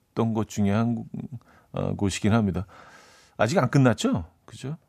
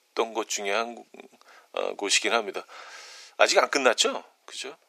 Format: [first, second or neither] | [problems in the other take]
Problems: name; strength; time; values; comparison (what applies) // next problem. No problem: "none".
first | thin; very; fading below 350 Hz